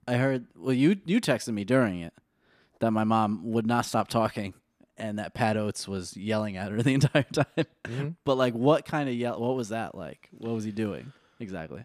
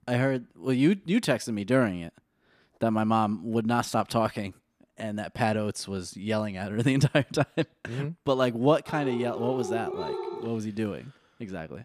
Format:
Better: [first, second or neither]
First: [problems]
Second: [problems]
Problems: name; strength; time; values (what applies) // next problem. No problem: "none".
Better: first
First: none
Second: dog barking; noticeable; from 9 to 10 s; peak 5 dB below the speech